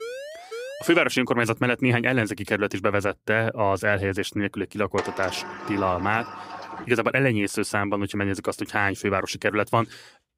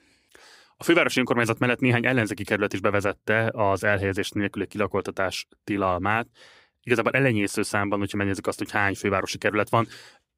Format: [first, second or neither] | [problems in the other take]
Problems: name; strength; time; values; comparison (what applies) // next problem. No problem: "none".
second | siren; faint; until 1 s; peak 10 dB below the speech // door banging; noticeable; from 5 to 7 s; peak 8 dB below the speech